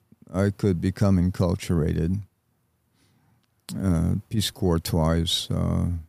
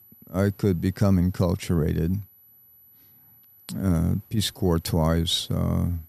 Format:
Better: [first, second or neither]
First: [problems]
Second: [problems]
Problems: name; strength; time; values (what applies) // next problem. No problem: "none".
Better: first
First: none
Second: high-pitched whine; faint; throughout; 12 kHz, 25 dB below the speech